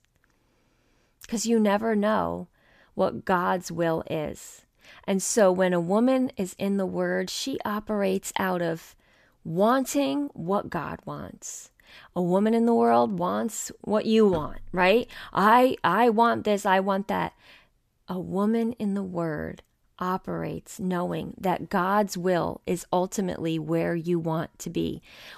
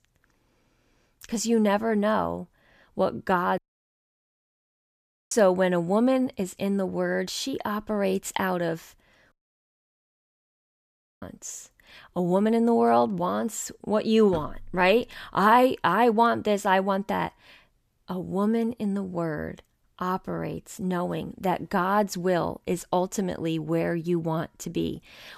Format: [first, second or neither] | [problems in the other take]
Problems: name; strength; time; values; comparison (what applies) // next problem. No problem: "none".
first | audio cutting out; at 3.5 s for 1.5 s and at 9.5 s for 2 s